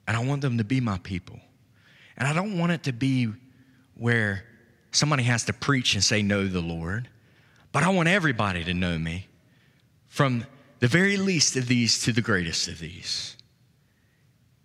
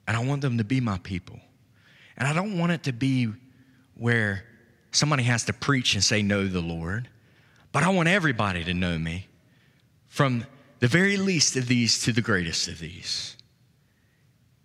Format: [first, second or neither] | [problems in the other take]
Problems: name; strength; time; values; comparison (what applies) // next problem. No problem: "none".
neither | none